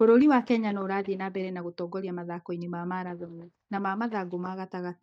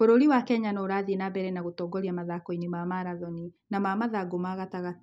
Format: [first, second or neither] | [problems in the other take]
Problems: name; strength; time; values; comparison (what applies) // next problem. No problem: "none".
second | noise reduction (neural mask model DeepFilterNet 3)